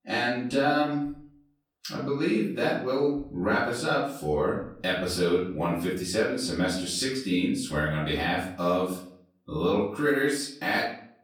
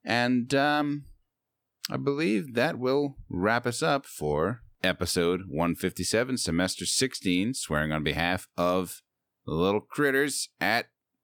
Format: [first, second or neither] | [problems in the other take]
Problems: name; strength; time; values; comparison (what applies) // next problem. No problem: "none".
second | off-mic speech; far // room echo; noticeable; dies away in 0.5 s